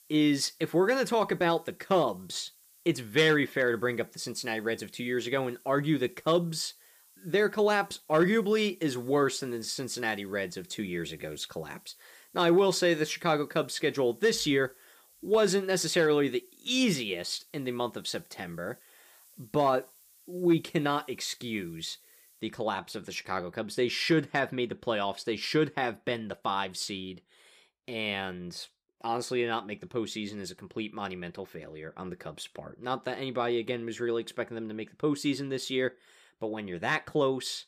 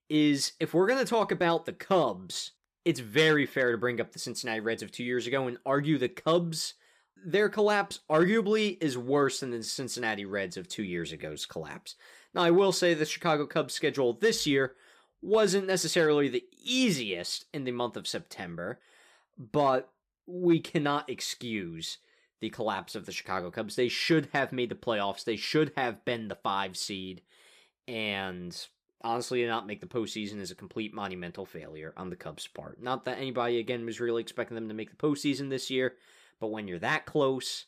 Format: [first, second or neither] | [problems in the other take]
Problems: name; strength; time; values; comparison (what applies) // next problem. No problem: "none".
second | hiss; faint; until 22 s; 25 dB below the speech